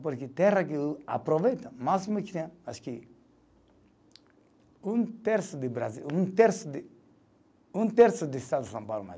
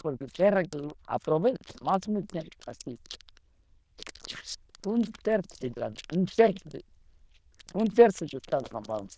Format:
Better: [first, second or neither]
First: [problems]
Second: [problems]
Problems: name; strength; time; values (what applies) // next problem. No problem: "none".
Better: first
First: none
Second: noise reduction (neural diffusion model UNIVERSE++)